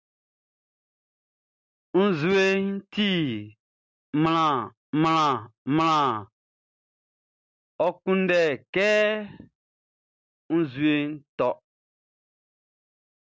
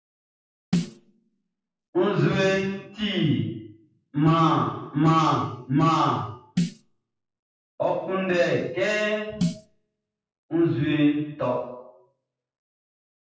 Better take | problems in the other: first | noise reduction (classical method WPE with log-MMSE)

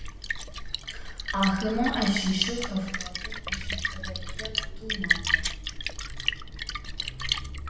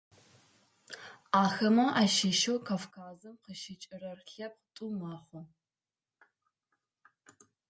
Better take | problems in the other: second | background sound (Splash, splatter); 1 dB above the speech // room echo; dies away in 0.9 s

